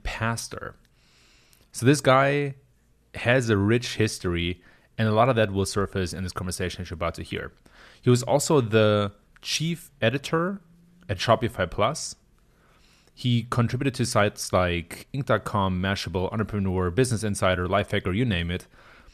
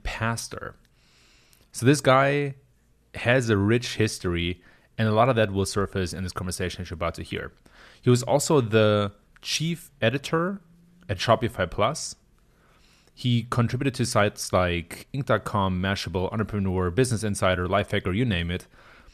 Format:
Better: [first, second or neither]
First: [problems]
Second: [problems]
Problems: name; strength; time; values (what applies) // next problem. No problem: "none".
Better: neither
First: none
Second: none